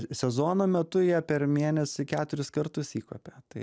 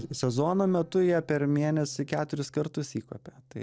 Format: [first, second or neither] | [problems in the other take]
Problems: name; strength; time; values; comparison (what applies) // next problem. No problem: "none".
first | noise reduction (neural separator model SepFormer DNS4)